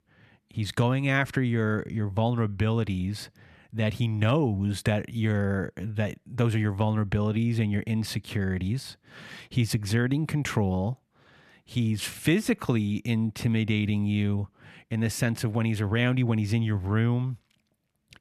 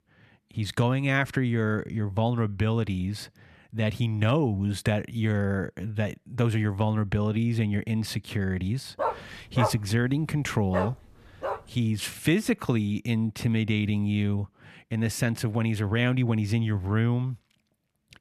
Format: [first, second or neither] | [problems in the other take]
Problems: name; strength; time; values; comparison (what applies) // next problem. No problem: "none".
first | dog barking; noticeable; from 9 to 12 s; peak 3 dB below the speech